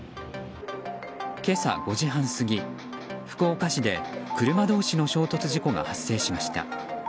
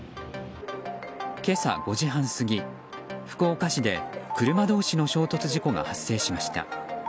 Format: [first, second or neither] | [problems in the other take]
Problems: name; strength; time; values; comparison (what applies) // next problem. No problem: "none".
second | background sound (Electric guitar); 14 dB below the speech